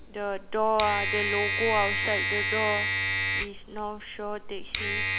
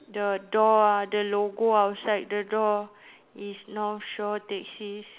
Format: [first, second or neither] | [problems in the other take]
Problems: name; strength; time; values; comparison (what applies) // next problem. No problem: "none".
second | background sound (Domestic sounds, home sounds); 1 dB above the speech